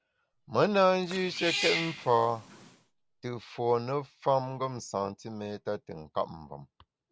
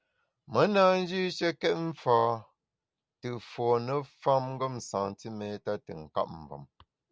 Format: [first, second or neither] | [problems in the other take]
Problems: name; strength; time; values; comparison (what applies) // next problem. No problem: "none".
second | background sound (Cat); 7 dB below the speech